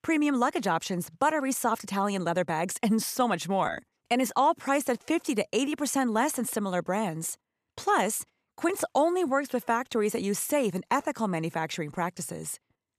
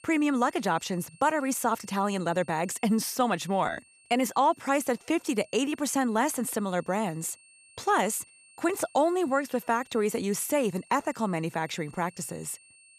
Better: first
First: none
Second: high-pitched whine; faint; throughout; 2.5 kHz, 25 dB below the speech

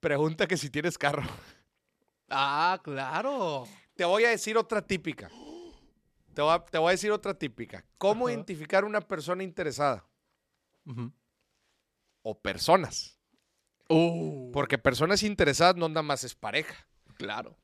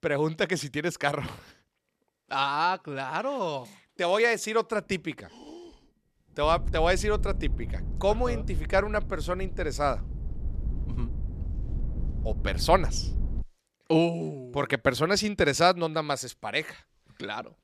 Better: first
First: none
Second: low rumble; faint; from 6.5 to 13 s; 20 dB below the speech

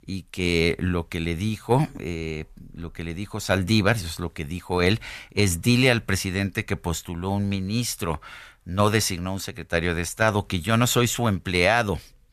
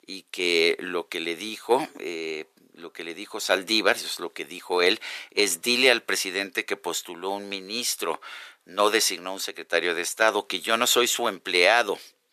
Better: first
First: none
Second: thin; very; fading below 350 Hz

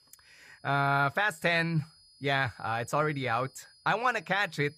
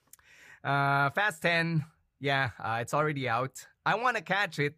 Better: second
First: high-pitched whine; faint; throughout; 5 kHz, 30 dB below the speech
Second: none

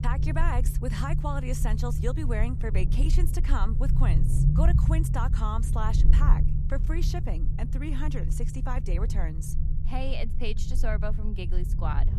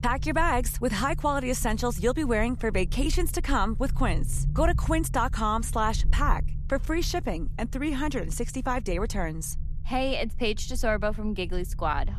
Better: second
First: low rumble; loud; throughout; 6 dB below the speech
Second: low rumble; faint; throughout; 20 dB below the speech

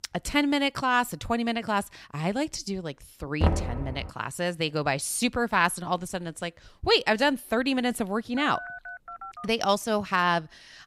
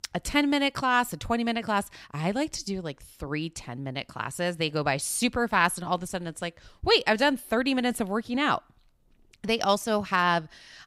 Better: second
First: door banging; loud; at 3.5 s; peak 1 dB above the speech // phone ringing; faint; from 8.5 to 9.5 s; peak 10 dB below the speech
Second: none

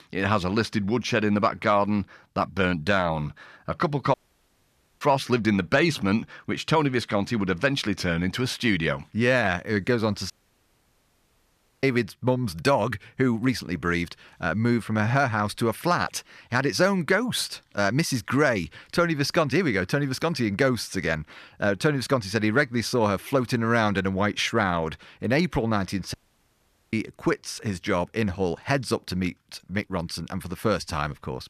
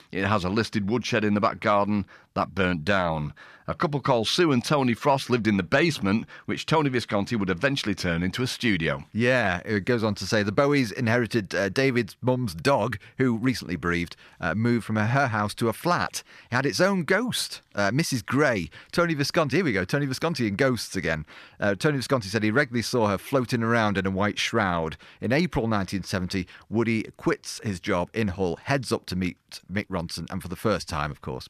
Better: second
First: audio cutting out; at 4 s for 1 s, at 10 s for 1.5 s and at 26 s for 1 s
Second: none

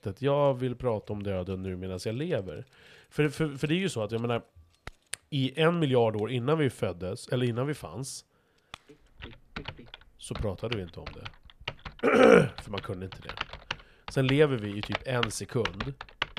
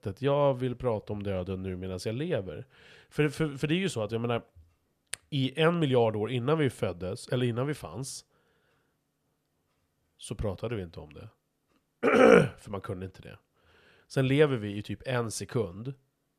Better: second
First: household noises; noticeable; throughout; 10 dB below the speech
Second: none

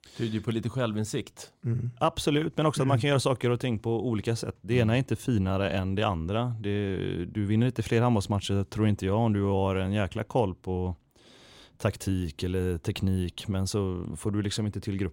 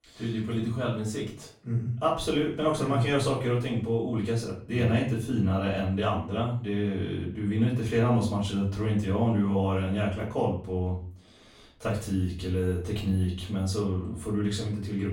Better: first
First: none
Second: off-mic speech; far // room echo; slight; dies away in 0.4 s

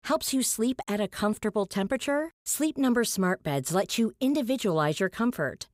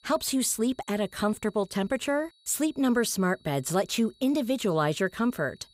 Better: first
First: none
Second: high-pitched whine; faint; throughout; 4 kHz, 30 dB below the speech

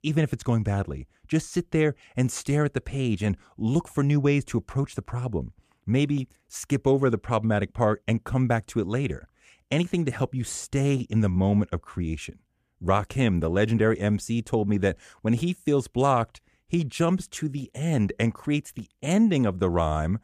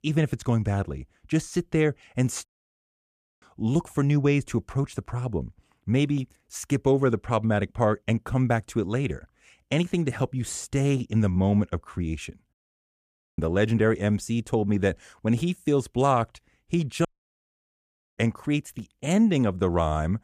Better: first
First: none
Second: audio cutting out; at 2.5 s for 1 s, at 13 s for 1 s and at 17 s for 1 s

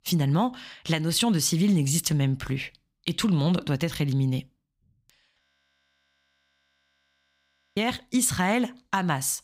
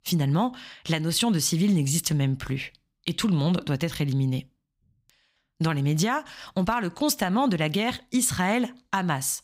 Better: second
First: audio freezing; at 5.5 s for 2.5 s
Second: none

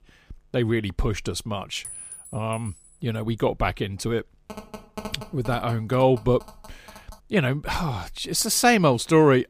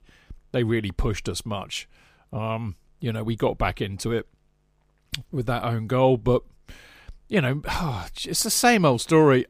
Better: second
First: clattering dishes; faint; from 2 to 3 s; peak 10 dB below the speech // phone ringing; faint; from 4.5 to 7 s; peak 15 dB below the speech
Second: none

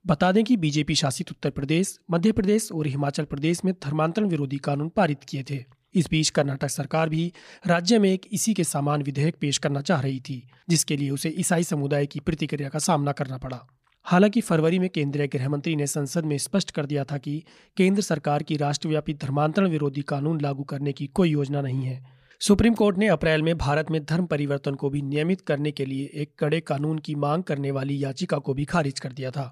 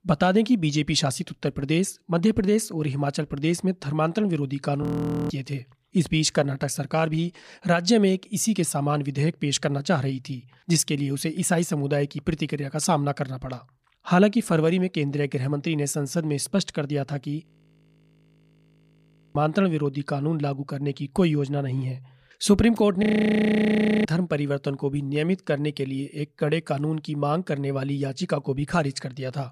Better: first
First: none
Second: audio freezing; at 5 s, at 17 s for 2 s and at 23 s for 1 s

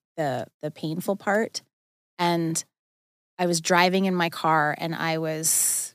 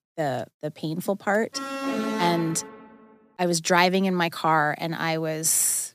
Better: first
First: none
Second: alarm; noticeable; from 1.5 to 3 s; peak 3 dB below the speech

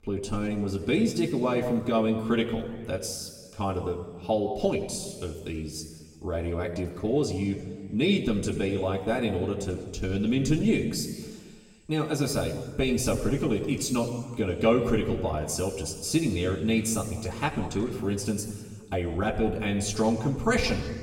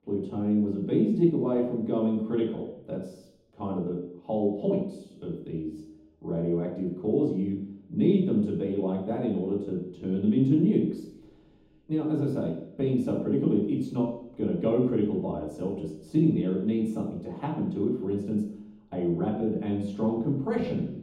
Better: first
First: room echo; slight; dies away in 1.4 s // off-mic speech; somewhat distant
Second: room echo; strong; dies away in 0.9 s // off-mic speech; far

